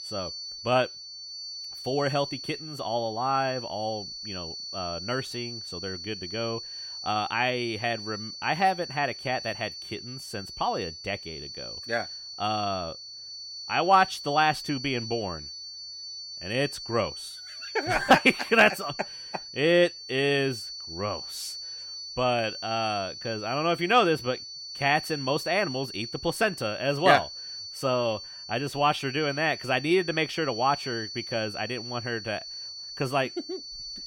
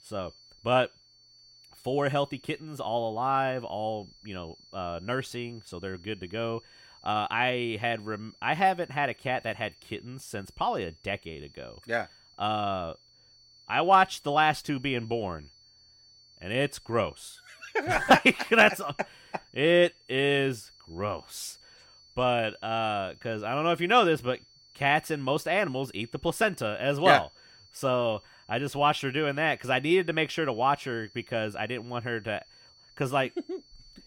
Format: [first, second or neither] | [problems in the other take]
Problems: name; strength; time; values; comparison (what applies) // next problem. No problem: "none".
second | high-pitched whine; loud; throughout; 4.5 kHz, 10 dB below the speech; faint in the second